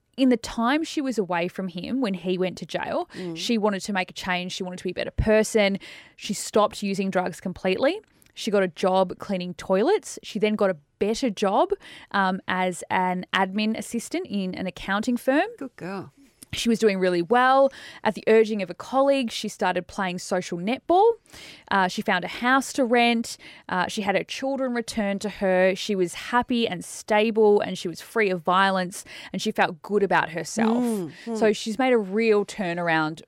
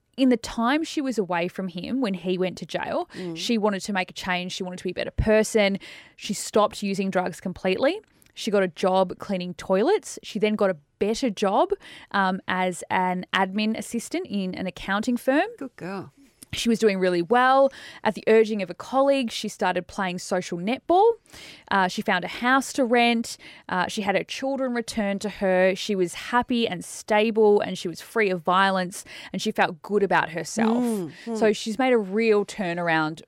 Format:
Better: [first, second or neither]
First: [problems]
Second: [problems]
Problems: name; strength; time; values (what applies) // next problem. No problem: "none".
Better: neither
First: none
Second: none